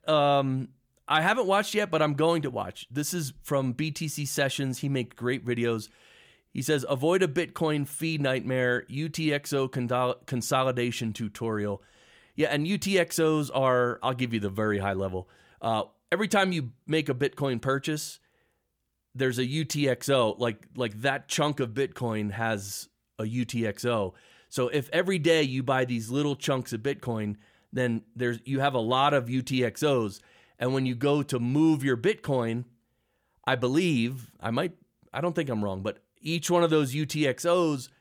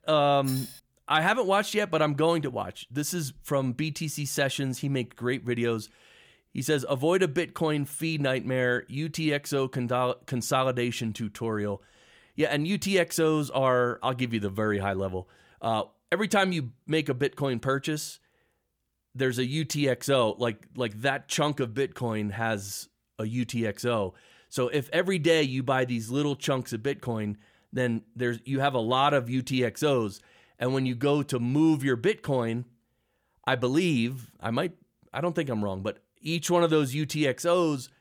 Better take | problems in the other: first | jangling keys; noticeable; at 0.5 s; peak 10 dB below the speech

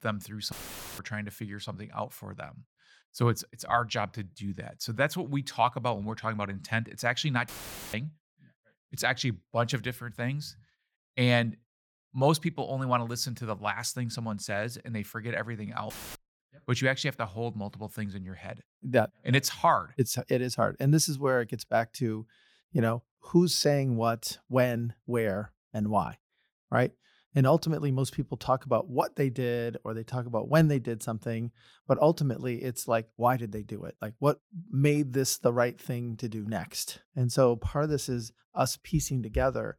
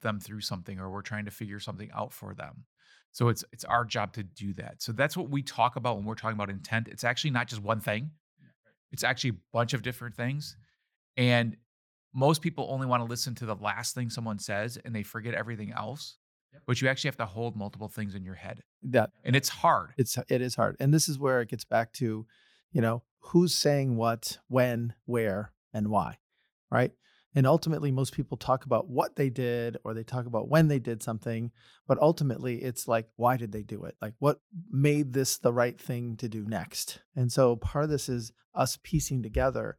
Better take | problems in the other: second | audio cutting out; filled with static; at 0.5 s, at 7.5 s and at 16 s

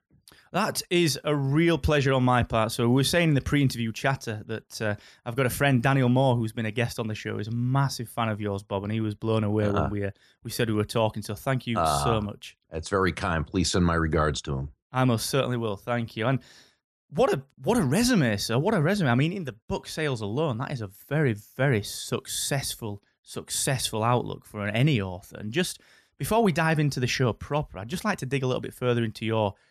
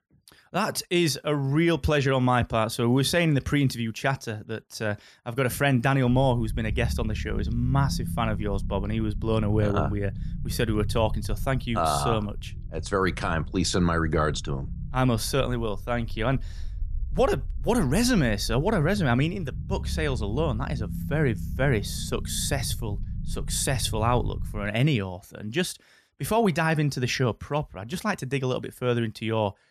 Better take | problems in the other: first | low rumble; faint; from 6 to 25 s; 20 dB below the speech

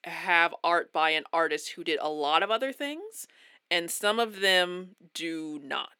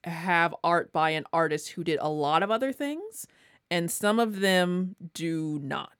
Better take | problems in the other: second | thin; somewhat; fading below 300 Hz

